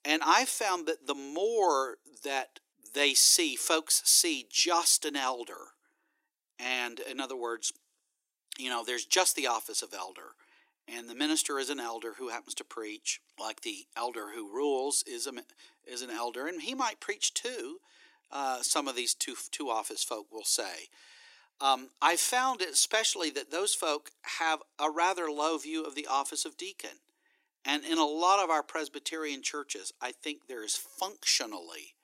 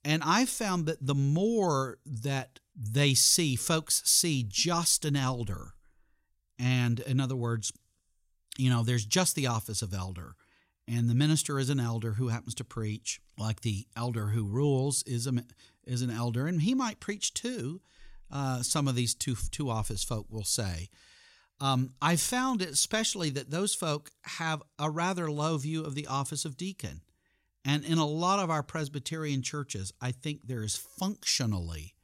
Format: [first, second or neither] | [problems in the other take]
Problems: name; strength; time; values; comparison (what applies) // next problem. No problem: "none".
second | thin; very; fading below 300 Hz